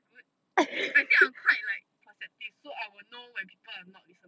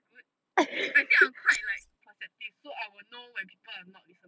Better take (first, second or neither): first